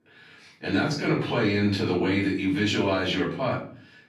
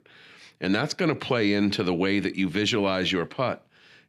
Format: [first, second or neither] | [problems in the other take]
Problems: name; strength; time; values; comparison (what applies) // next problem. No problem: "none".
second | off-mic speech; far // room echo; noticeable; dies away in 0.4 s